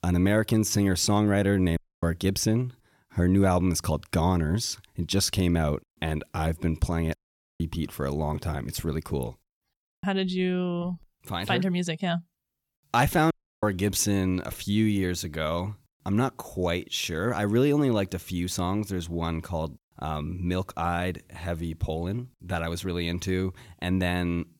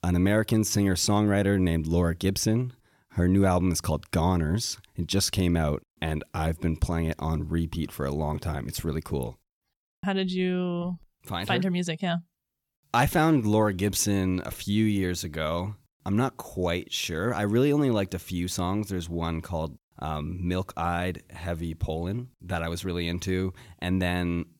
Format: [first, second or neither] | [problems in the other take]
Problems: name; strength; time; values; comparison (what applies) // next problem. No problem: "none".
second | audio cutting out; at 2 s, at 7 s and at 13 s